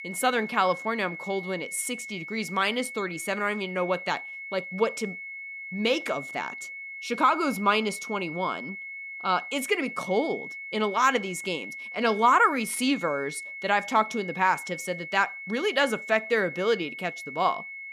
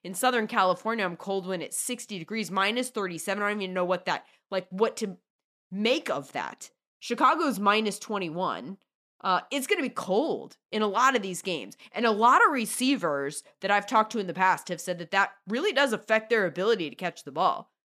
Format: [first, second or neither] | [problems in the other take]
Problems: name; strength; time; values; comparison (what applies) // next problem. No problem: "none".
second | high-pitched whine; loud; throughout; 2 kHz, 10 dB below the speech